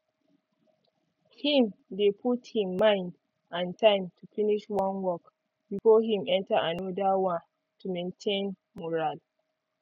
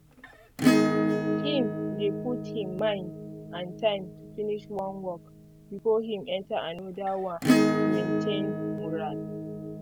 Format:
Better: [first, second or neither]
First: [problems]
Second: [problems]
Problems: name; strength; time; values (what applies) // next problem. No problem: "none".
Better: first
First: none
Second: background sound (Acoustic guitar / Strum); 4 dB above the speech